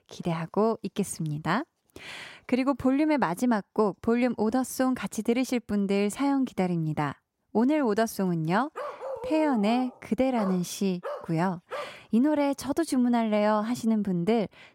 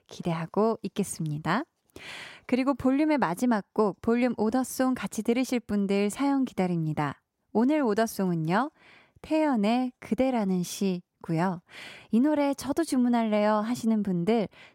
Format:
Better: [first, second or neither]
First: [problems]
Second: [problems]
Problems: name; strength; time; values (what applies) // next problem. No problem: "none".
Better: second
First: dog barking; noticeable; from 9 to 12 s; peak 9 dB below the speech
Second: none